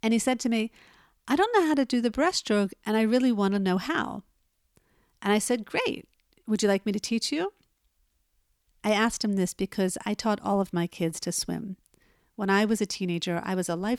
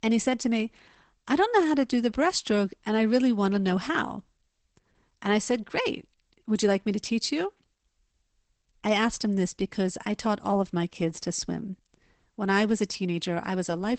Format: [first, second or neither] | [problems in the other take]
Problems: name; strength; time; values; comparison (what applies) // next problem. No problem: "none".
first | garbled, watery; badly; nothing above 8 kHz